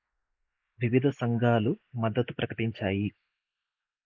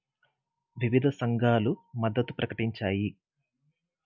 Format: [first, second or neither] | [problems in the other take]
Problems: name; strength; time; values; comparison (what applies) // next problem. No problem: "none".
second | noise reduction (neural mask model Resemble Enhance denoiser)